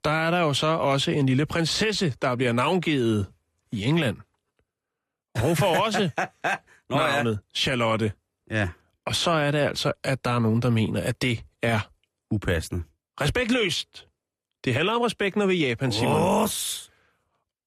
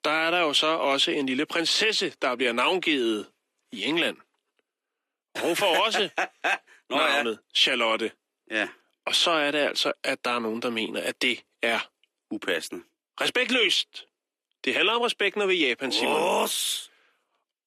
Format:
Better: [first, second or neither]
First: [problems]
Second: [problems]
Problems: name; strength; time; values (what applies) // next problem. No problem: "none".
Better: first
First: none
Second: thin; somewhat; fading below 300 Hz